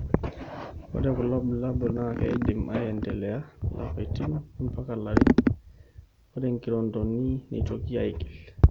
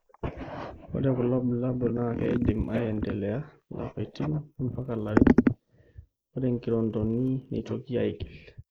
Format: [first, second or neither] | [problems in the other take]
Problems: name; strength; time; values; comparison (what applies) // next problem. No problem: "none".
first | noise reduction (neural mask model Resemble Enhance denoiser)